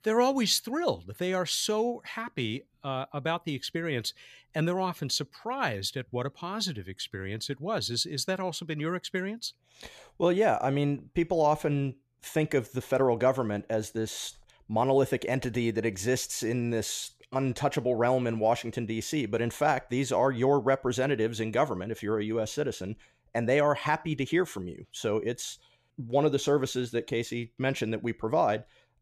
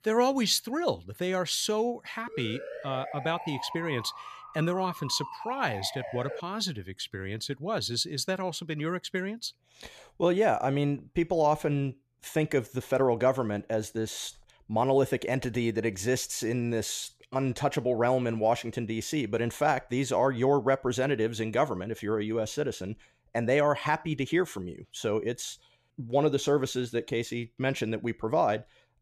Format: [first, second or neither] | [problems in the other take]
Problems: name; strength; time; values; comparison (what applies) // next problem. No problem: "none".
first | siren; noticeable; from 2.5 to 6.5 s; peak 10 dB below the speech